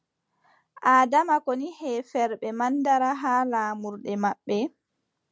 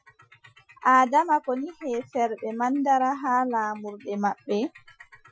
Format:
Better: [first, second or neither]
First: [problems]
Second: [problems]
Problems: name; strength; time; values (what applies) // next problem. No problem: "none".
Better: first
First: none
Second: noise reduction (classical method Wiener filter)